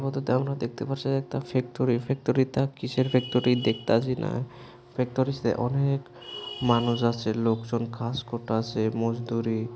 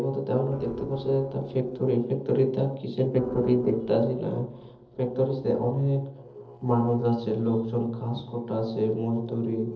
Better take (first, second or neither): first